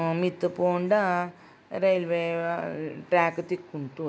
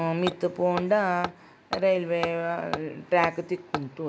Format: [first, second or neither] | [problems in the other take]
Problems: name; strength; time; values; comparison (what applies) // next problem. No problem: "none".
first | background sound (Hammer); 10 dB below the speech